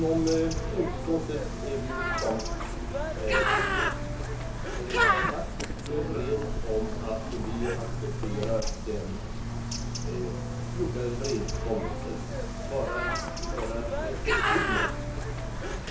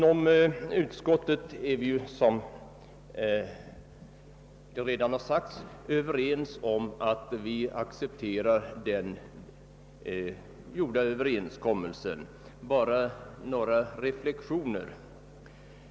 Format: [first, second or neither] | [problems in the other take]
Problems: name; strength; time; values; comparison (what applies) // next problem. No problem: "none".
second | background sound (Bird); 3 dB above the speech // room echo; dies away in 0.6 s